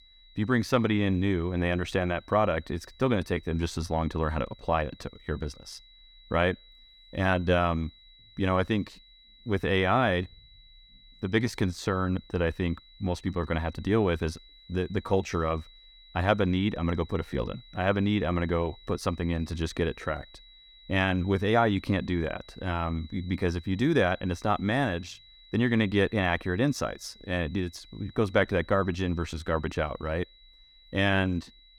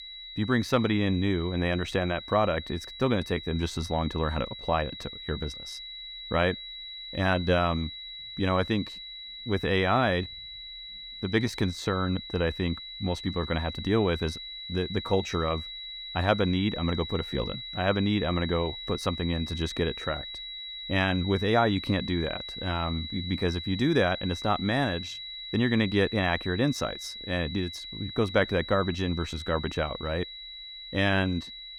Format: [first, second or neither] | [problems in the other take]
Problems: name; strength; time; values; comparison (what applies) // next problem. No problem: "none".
first | high-pitched whine; loud; throughout; 4 kHz, 9 dB below the speech; faint in the first